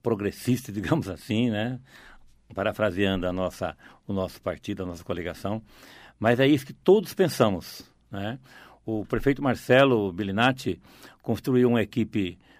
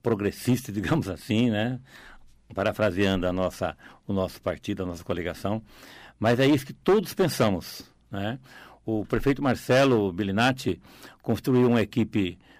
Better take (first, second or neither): first